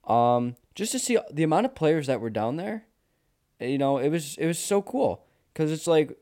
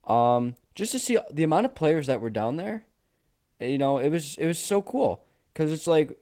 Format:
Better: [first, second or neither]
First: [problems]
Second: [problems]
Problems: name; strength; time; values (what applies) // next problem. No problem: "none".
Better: first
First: none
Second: garbled, watery; slightly; nothing above 16.5 kHz